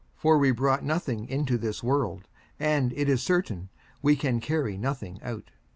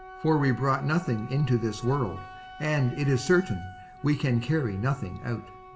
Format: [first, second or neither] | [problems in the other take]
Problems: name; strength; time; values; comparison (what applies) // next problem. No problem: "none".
first | background sound (Wind instrument, woodwind instrument); 18 dB below the speech // room echo; dies away in 0.8 s